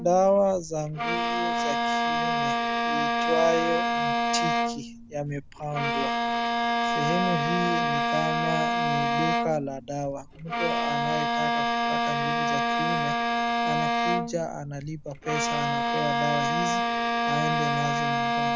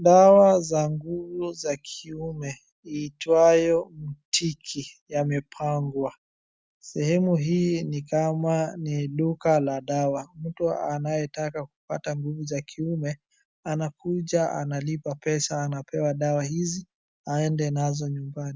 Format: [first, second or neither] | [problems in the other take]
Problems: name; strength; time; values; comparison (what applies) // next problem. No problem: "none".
second | background sound (Bowed string instrument); 4 dB above the speech